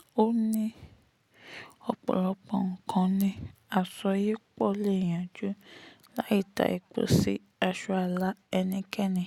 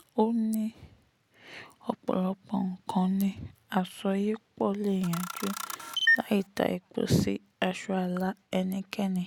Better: first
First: none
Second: background sound (Camera); as loud as the speech

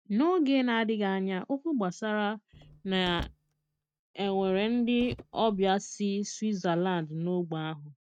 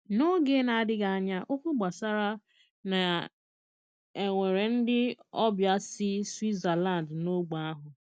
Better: second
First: noise reduction (neural mask model RNNoise)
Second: none

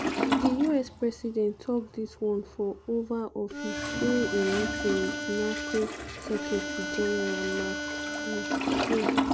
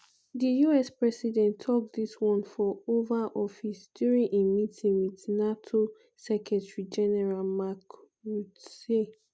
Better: second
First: background sound (Harmonica + Toilet flush); 1 dB below the speech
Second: none

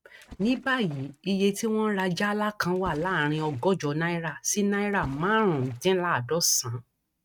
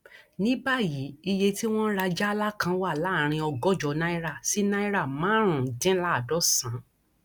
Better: second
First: noise reduction (neural mask model RNNoise)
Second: none

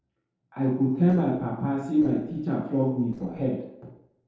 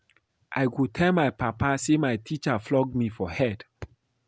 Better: second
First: noise reduction (neural separator model SepFormer DNS4)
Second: none

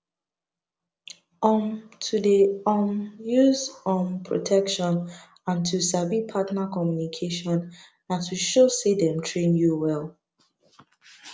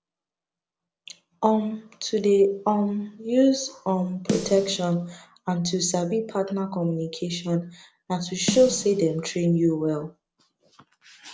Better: first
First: none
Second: background sound (Snare drum); 10 dB below the speech

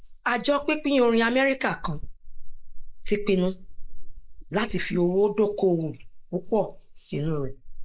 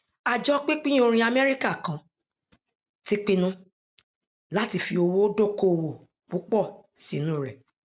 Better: second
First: noise reduction (neural mask model Resemble Enhance denoiser)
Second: none

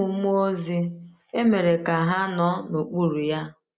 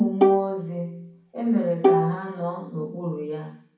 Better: first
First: none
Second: background sound (Bowed string instrument); 3 dB above the speech // room echo; dies away in 0.6 s

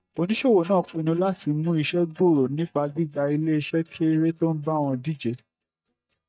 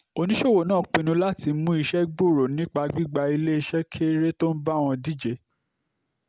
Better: second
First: noise reduction (neural mask model DeepFilterNet 3)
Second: none

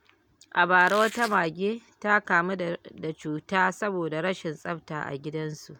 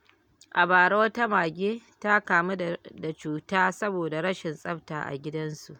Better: second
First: background sound (Squeak); 13 dB below the speech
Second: none

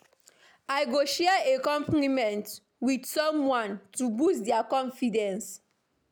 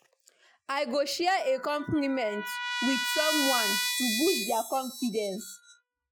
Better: first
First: none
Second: noise reduction (classical method Wiener filter)

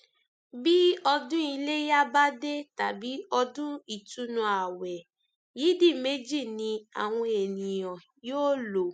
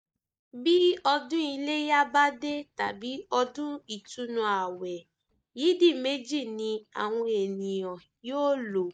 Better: first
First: none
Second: noise reduction (neural mask model DeepFilterNet 3)

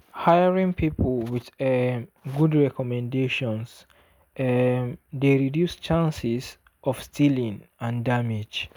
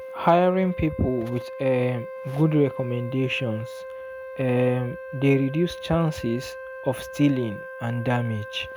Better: first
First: none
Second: background sound (Wind instrument, woodwind instrument); 12 dB below the speech

